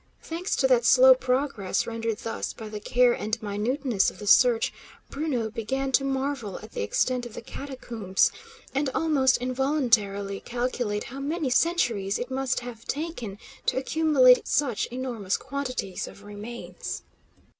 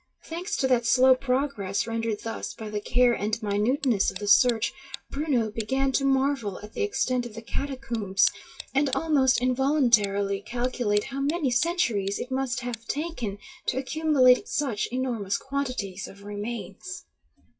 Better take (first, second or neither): first